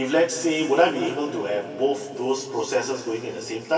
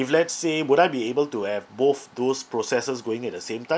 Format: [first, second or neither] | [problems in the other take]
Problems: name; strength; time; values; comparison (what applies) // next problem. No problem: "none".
second | room echo; dies away in 2.5 s